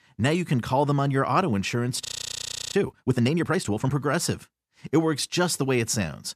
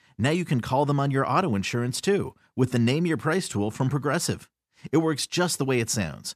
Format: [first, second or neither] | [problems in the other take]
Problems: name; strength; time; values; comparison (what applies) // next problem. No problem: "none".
second | audio freezing; at 2 s for 0.5 s